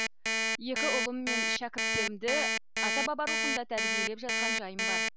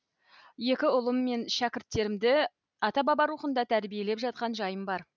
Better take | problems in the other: second | background sound (Alarm); 5 dB above the speech

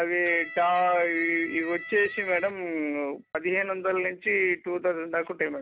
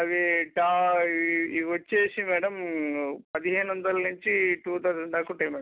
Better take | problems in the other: second | background sound (Electric guitar); 13 dB below the speech

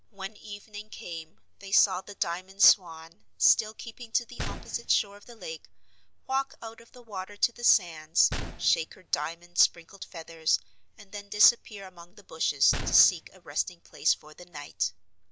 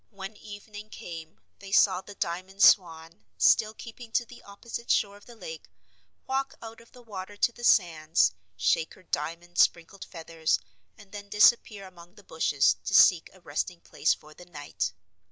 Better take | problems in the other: second | background sound (Gunshot, gunfire); 10 dB below the speech

